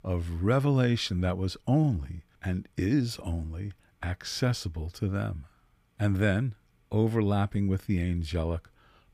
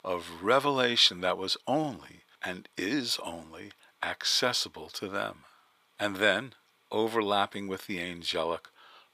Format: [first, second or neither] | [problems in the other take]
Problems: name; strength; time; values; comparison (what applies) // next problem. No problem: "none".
first | thin; very; fading below 500 Hz